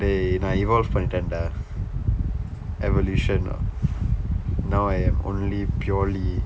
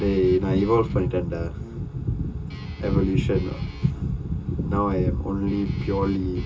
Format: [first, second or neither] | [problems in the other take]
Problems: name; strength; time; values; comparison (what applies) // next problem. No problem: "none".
first | background sound (Guitar); 20 dB below the speech // room echo; dies away in 0.2 s